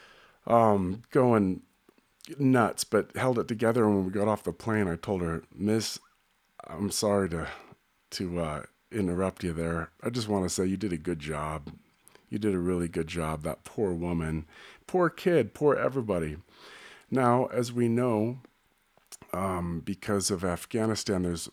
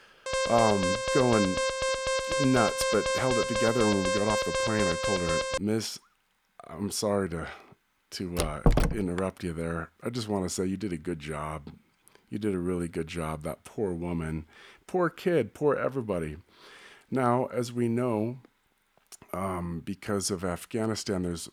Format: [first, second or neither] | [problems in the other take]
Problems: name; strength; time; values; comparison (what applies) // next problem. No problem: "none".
first | alarm; loud; until 5.5 s; peak 2 dB above the speech // door banging; loud; at 8.5 s; peak 4 dB above the speech